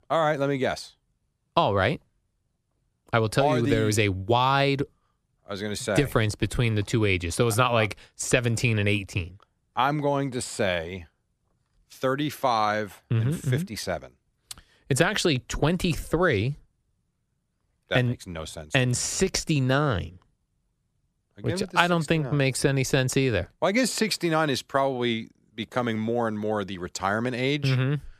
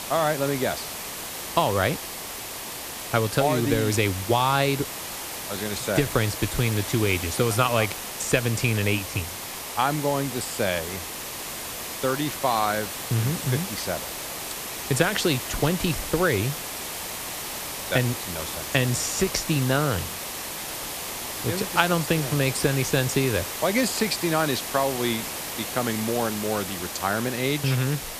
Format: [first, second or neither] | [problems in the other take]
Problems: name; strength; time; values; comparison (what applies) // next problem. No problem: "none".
first | hiss; loud; throughout; 6 dB below the speech